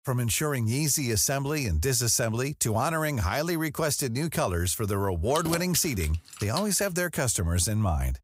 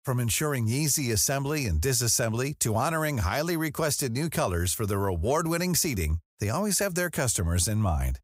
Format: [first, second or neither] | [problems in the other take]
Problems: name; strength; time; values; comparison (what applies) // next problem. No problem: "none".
second | jangling keys; noticeable; from 5.5 to 7 s; peak 8 dB below the speech